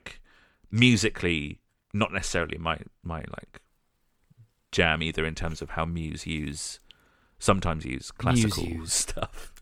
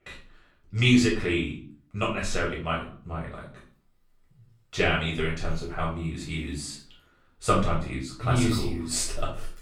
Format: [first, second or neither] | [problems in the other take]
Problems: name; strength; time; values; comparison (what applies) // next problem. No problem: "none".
first | room echo; slight; dies away in 0.4 s // off-mic speech; far